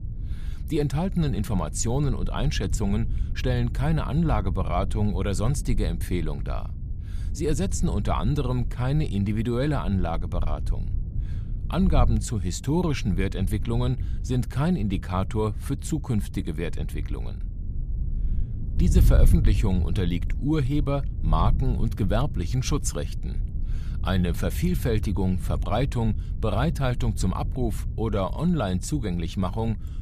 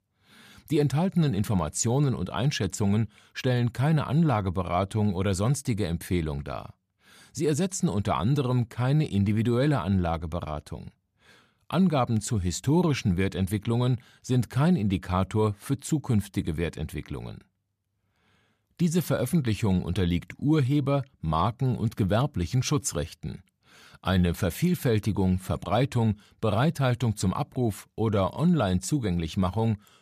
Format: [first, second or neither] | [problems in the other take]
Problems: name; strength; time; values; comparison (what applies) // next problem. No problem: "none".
second | wind noise on the microphone; occasional gusts; 15 dB below the speech